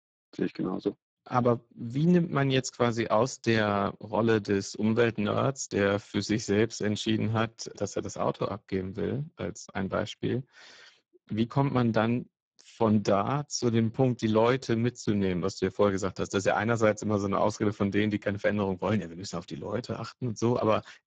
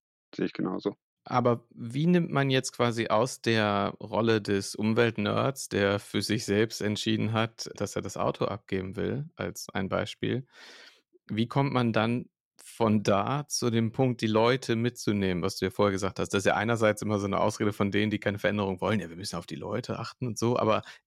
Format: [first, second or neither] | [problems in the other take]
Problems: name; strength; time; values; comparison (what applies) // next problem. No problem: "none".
second | garbled, watery; badly; nothing above 7.5 kHz